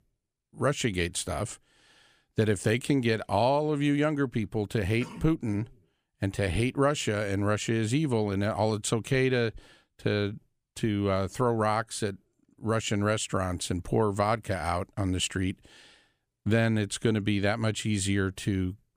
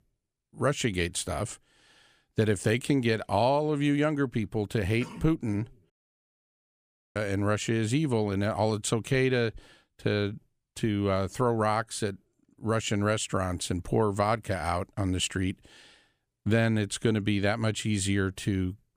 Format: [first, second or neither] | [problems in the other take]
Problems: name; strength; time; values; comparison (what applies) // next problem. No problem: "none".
first | audio cutting out; at 6 s for 1.5 s